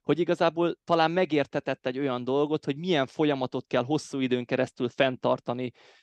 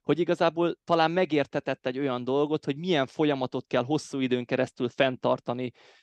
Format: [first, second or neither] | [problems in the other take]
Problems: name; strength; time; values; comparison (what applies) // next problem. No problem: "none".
neither | none